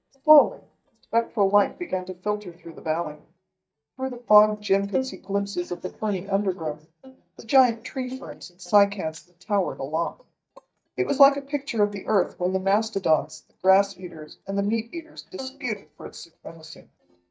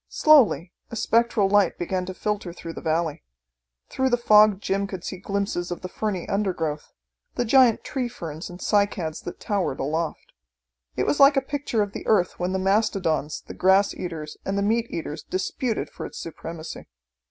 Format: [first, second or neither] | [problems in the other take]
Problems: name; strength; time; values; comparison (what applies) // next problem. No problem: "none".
second | noise reduction (neural mask model DeepFilterNet 3)